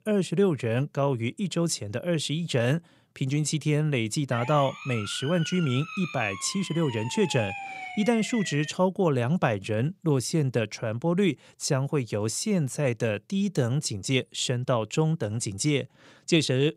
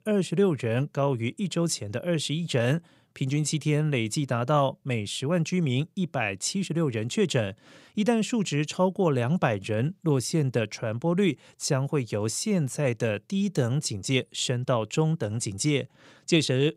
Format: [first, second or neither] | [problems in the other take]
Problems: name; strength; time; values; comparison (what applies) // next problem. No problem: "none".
second | siren; noticeable; from 4.5 to 8.5 s; peak 8 dB below the speech